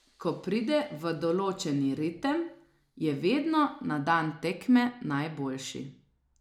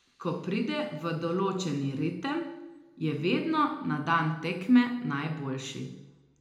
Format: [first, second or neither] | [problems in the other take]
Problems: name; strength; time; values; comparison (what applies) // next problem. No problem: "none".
first | room echo; dies away in 0.8 s